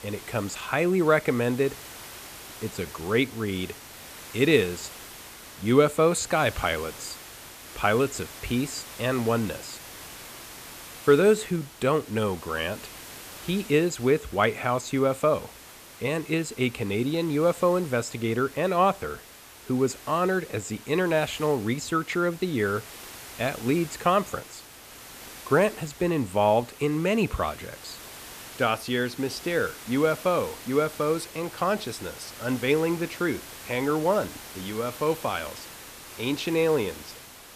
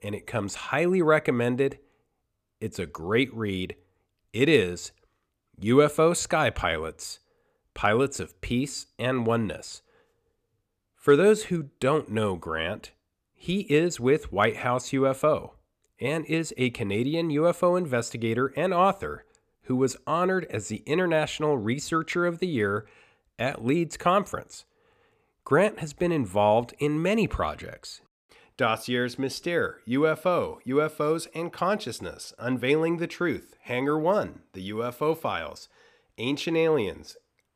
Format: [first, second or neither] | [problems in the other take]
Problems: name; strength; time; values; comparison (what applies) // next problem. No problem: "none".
second | hiss; noticeable; throughout; 15 dB below the speech